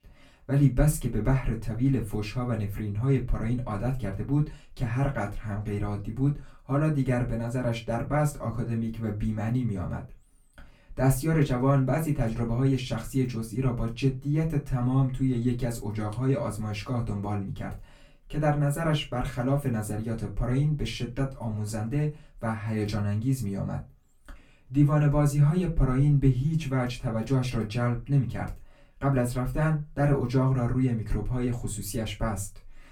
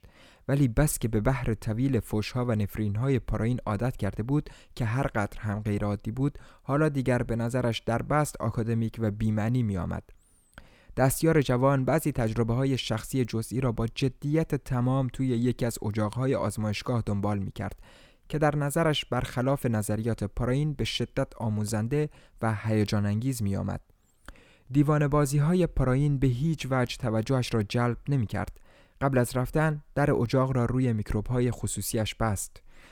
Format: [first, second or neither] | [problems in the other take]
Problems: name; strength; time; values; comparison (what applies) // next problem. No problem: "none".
second | off-mic speech; far // room echo; very slight; dies away in 0.2 s